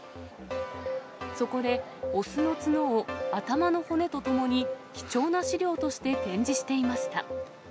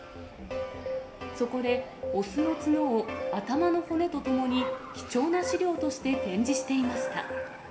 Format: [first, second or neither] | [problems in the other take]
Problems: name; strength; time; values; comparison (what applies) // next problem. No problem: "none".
first | background sound (Car); 17 dB below the speech // room echo; dies away in 2.8 s